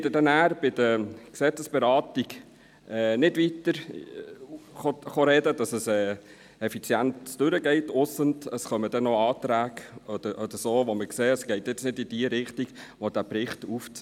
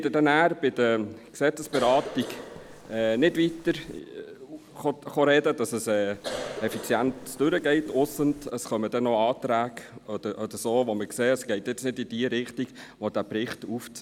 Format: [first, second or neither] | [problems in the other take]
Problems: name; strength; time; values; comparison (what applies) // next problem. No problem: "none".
first | background sound (Cough); 12 dB below the speech